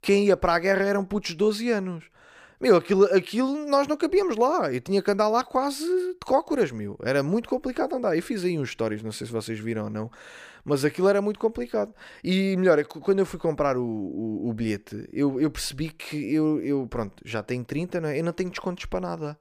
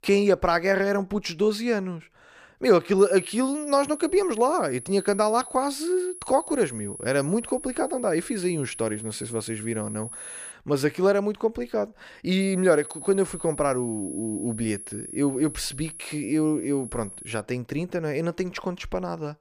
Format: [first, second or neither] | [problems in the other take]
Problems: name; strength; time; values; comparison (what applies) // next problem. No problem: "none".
first | high-pitched whine; noticeable; from 3 to 11 s and from 12 to 17 s; 10.5 kHz, 10 dB below the speech